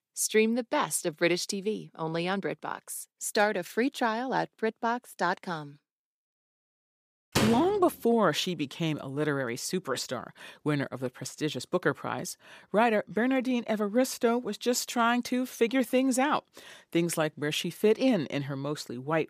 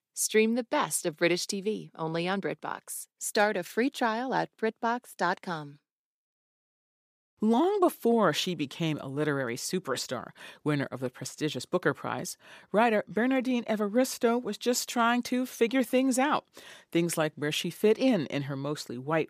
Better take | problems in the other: second | door banging; loud; at 7.5 s; peak level with the speech

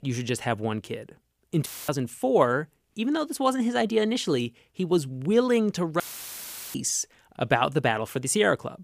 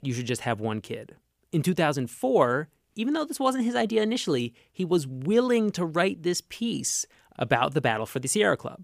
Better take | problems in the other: second | audio cutting out; filled with static; at 1.5 s and at 6 s for 1 s

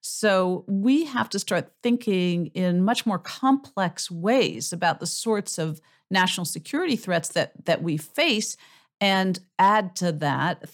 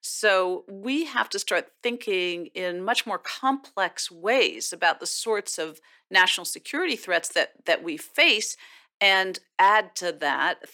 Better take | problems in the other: first | thin; somewhat; fading below 350 Hz

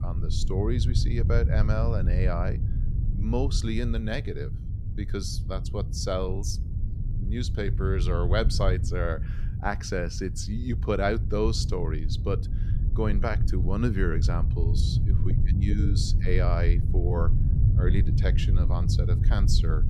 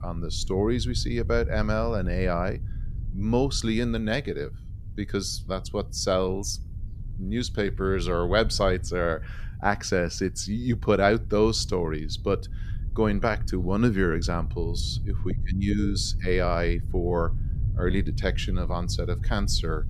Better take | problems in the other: second | low rumble; loud; throughout; 9 dB below the speech; faint in the second

